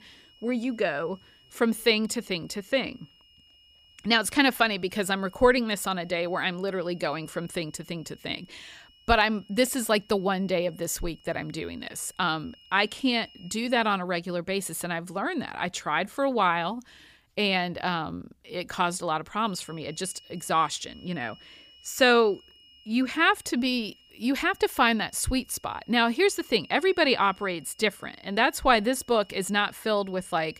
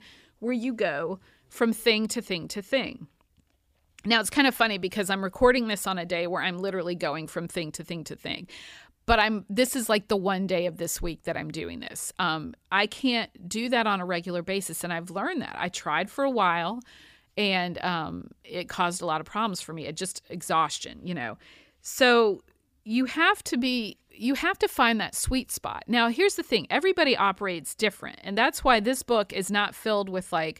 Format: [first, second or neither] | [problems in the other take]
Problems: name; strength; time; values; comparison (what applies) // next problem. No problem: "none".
second | high-pitched whine; faint; until 14 s and from 19 s on; 3 kHz, 25 dB below the speech